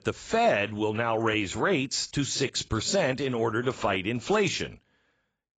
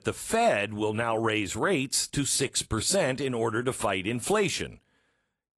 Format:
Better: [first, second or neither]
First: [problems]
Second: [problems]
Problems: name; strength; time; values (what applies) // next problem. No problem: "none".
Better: second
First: garbled, watery; badly; nothing above 7.5 kHz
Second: garbled, watery; slightly; nothing above 11.5 kHz